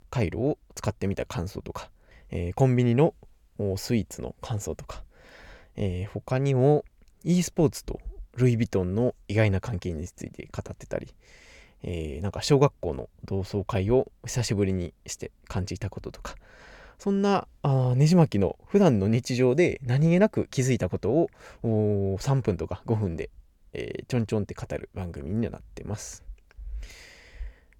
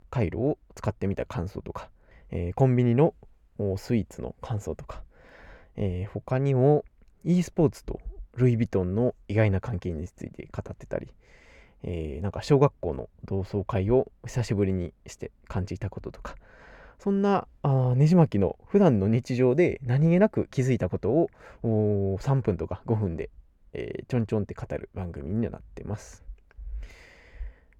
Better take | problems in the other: first | muffled; slightly; fading above 3 kHz

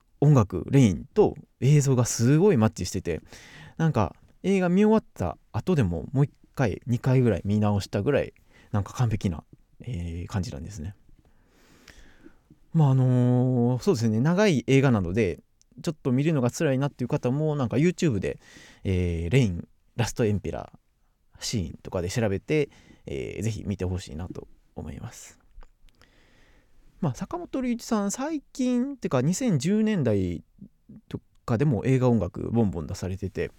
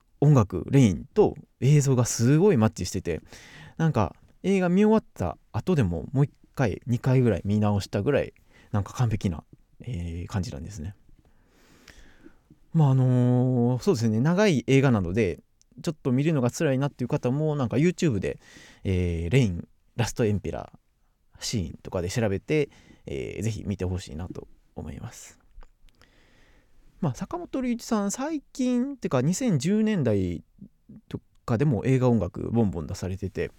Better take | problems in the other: neither | none

